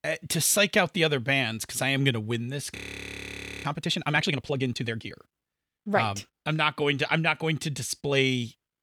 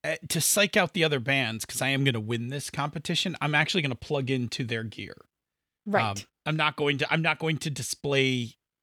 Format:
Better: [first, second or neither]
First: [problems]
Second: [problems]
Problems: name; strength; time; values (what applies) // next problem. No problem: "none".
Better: second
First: audio freezing; at 3 s for 1 s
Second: none